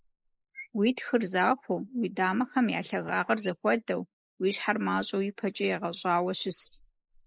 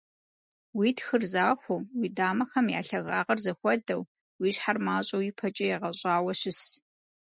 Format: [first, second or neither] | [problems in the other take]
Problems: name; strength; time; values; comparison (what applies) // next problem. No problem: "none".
second | noise reduction (neural mask model Resemble Enhance denoiser)